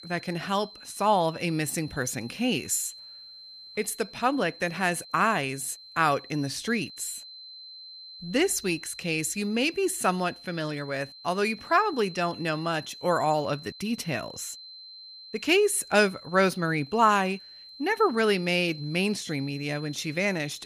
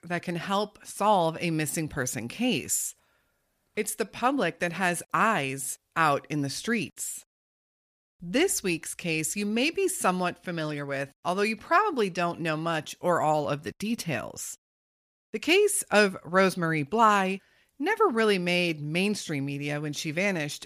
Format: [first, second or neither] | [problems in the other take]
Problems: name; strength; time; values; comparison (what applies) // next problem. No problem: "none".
second | high-pitched whine; noticeable; throughout; 4 kHz, 15 dB below the speech